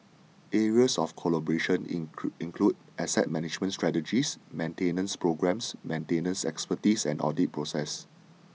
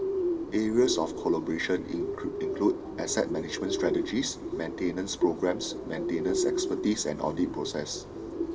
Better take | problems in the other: first | background sound (Bird); 2 dB below the speech // room echo; dies away in 1.3 s

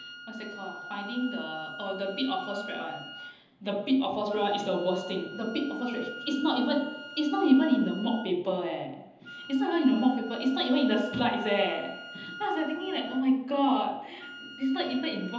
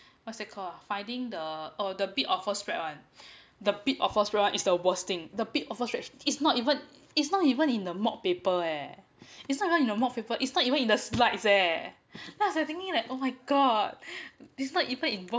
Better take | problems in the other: second | background sound (Wind instrument, woodwind instrument); 14 dB below the speech // room echo; dies away in 0.9 s

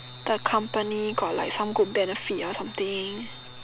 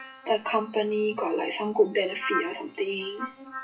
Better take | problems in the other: first | noise reduction (classical method WPE with log-MMSE)

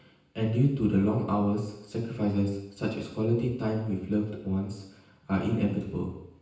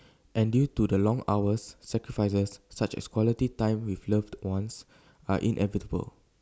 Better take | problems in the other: second | room echo; dies away in 0.9 s

